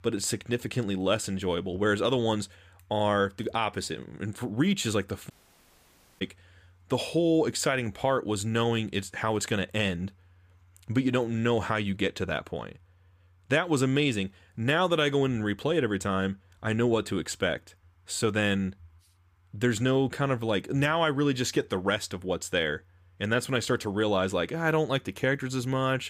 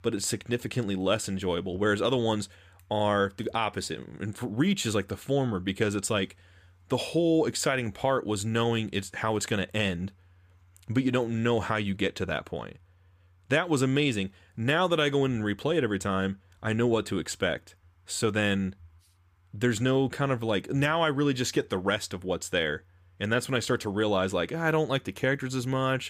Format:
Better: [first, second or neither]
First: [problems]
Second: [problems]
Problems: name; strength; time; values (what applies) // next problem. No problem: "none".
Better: second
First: audio cutting out; at 5.5 s for 1 s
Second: none